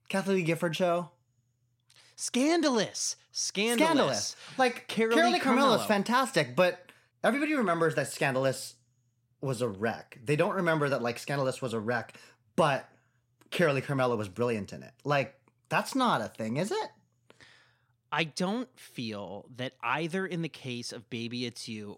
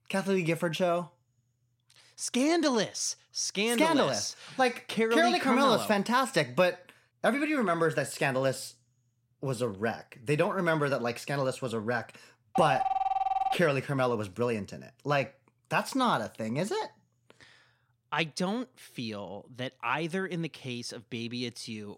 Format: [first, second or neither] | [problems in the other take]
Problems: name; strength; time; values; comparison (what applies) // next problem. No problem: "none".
first | phone ringing; loud; from 13 to 14 s; peak level with the speech